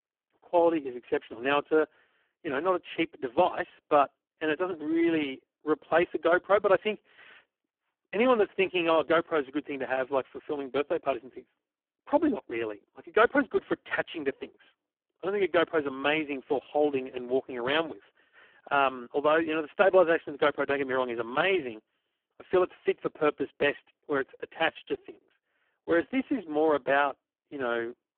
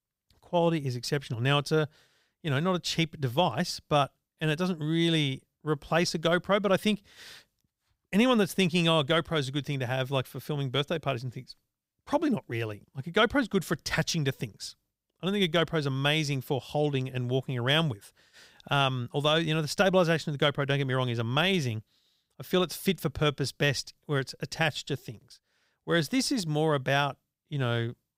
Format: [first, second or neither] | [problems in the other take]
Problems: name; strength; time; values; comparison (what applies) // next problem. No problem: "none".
second | phone-call audio; poor line